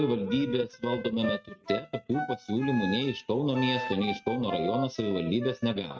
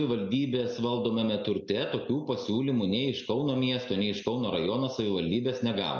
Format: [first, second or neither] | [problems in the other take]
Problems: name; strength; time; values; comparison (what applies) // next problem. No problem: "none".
second | noise reduction (neural mask model RNNoise)